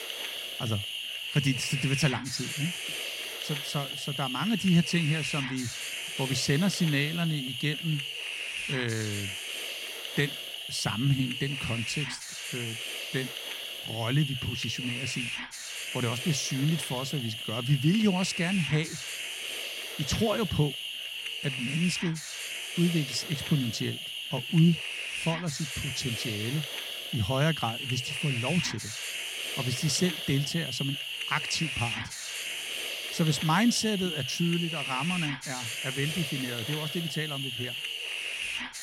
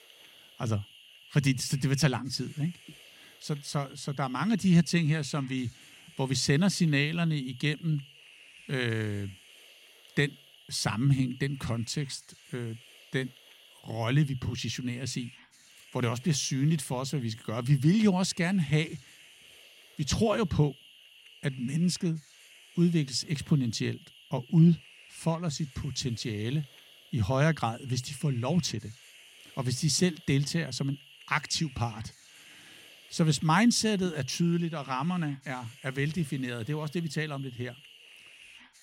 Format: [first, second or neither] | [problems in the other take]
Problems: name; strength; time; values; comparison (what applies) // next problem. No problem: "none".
second | hiss; loud; throughout; 3 dB below the speech; faint in the second